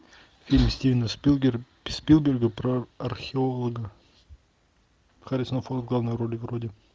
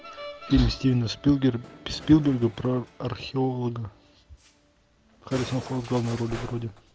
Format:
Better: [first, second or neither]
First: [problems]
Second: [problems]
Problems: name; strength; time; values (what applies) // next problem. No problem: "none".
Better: first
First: none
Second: background sound (Musical instrument); 18 dB below the speech